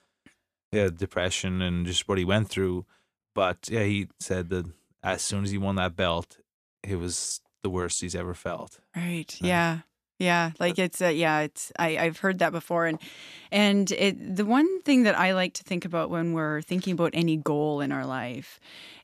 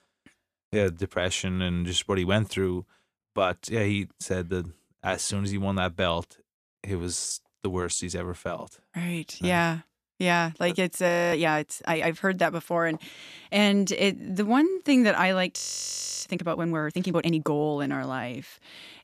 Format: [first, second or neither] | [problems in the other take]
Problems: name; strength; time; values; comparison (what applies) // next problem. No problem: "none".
first | audio freezing; at 11 s and at 16 s for 0.5 s